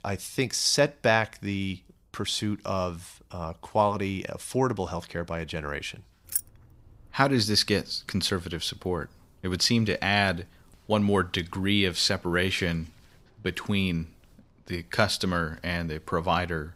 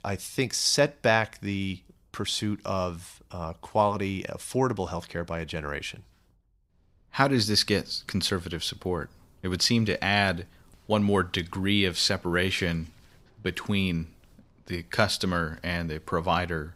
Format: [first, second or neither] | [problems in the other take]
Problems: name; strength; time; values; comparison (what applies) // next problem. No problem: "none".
second | jangling keys; noticeable; at 6.5 s; peak 3 dB below the speech